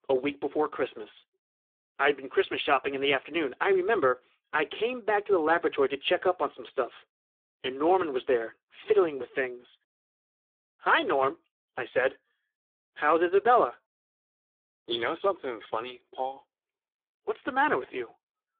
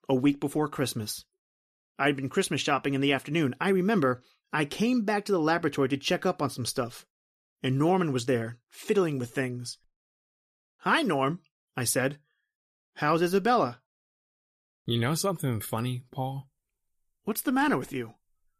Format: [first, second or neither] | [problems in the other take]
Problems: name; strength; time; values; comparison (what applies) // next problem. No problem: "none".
second | phone-call audio; poor line; nothing above 3.5 kHz